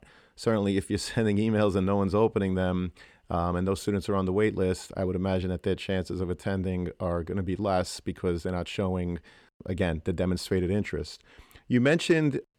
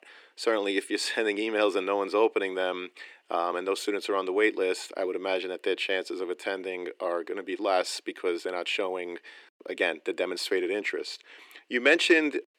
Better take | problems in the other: first | thin; very; fading below 300 Hz

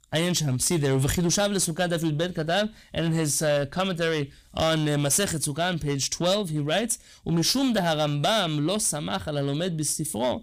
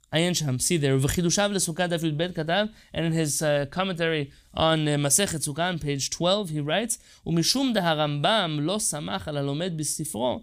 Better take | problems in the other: second | distortion; slight; 8% of the sound clipped

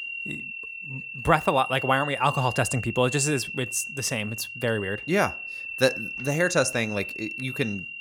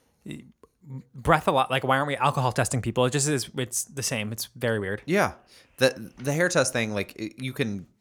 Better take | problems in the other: second | high-pitched whine; loud; throughout; 2.5 kHz, 7 dB below the speech

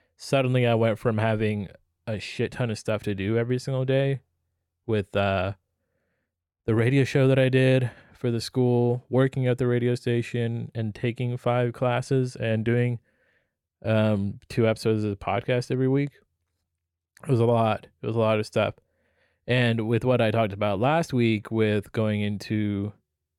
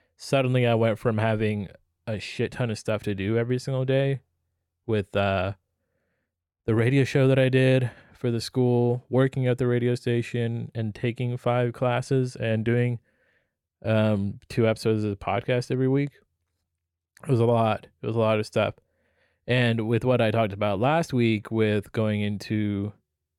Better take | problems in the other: neither | none

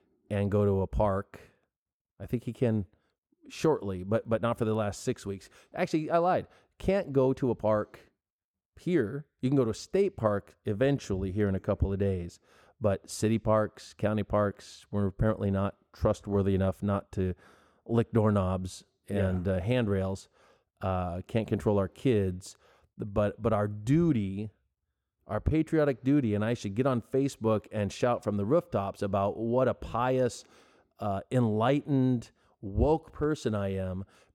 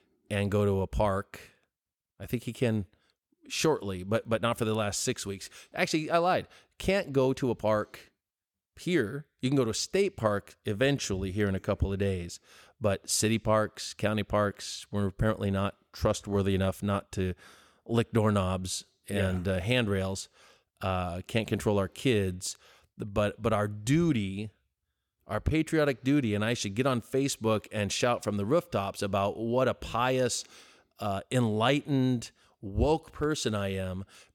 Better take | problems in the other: second | muffled; slightly; fading above 1.5 kHz

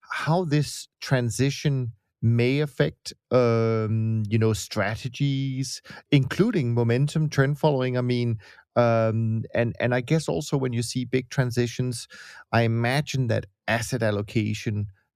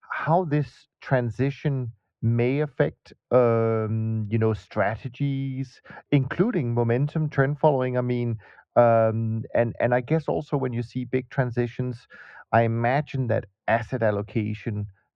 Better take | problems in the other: first | muffled; very; fading above 2 kHz

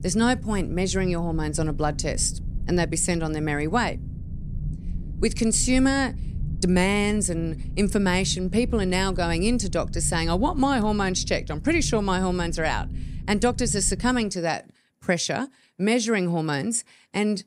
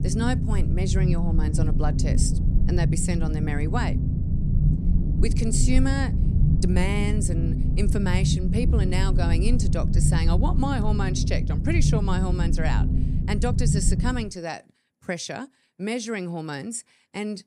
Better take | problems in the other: first | low rumble; loud; until 14 s; 4 dB below the speech; faint in the first

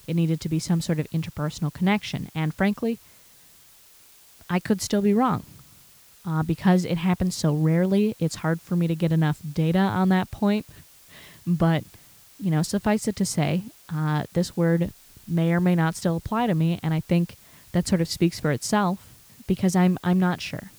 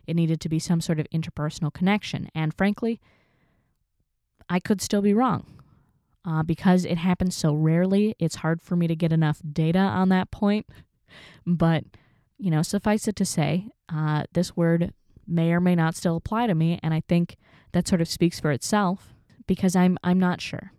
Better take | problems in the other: second | hiss; faint; throughout; 25 dB below the speech

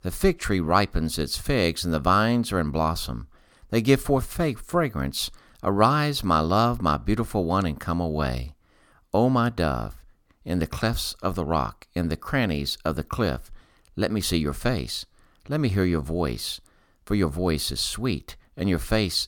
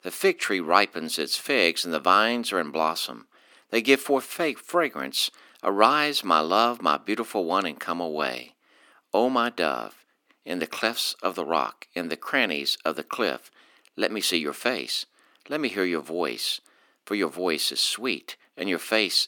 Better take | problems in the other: first | thin; somewhat; fading below 300 Hz

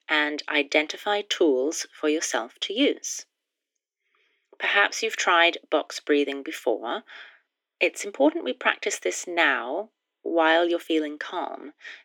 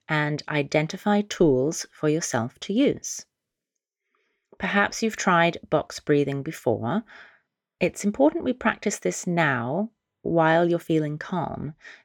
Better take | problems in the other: second | thin; very slightly; fading below 300 Hz

